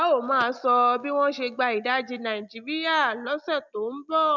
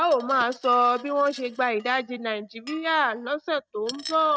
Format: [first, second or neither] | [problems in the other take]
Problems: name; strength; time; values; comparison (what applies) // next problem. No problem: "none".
first | noise reduction (neural mask model RNNoise)